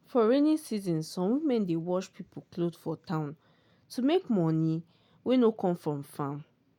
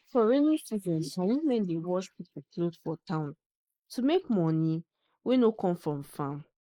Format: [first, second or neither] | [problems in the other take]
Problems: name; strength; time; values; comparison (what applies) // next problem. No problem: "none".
first | noise reduction (neural mask model Resemble Enhance denoiser)